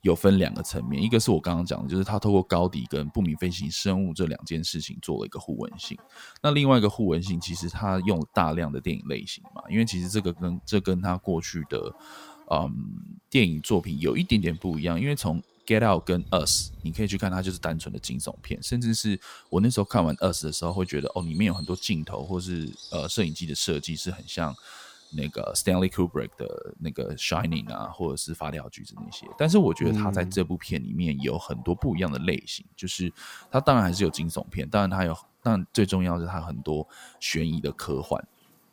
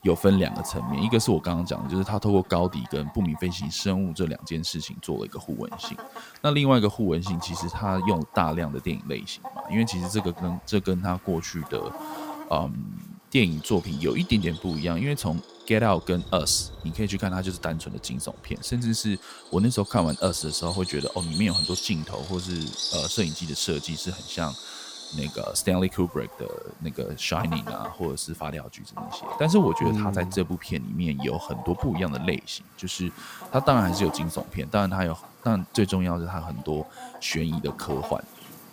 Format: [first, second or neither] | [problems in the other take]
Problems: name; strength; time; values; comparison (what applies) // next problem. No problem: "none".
first | animal sounds; loud; throughout; 10 dB below the speech; faint in the first